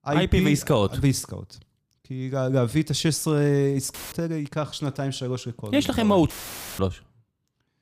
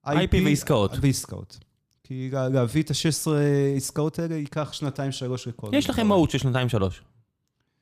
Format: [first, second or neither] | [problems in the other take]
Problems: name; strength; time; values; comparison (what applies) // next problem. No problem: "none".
second | audio cutting out; filled with static; at 4 s and at 6.5 s